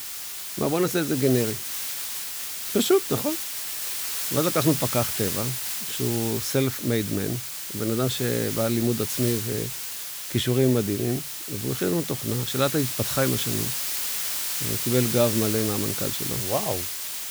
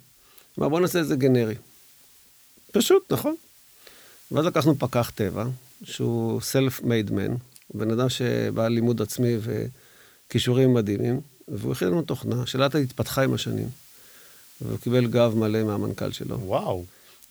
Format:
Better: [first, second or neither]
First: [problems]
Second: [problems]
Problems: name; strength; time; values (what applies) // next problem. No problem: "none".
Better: second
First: hiss; loud; throughout; 2 dB below the speech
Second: hiss; faint; throughout; 25 dB below the speech